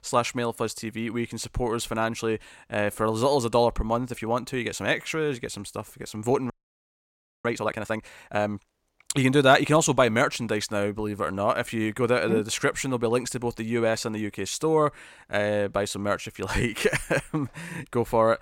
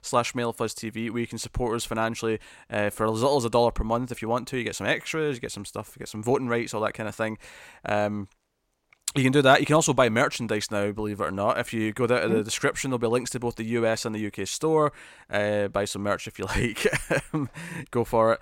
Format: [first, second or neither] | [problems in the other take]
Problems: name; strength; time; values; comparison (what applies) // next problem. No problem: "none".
second | audio freezing; at 6.5 s for 1 s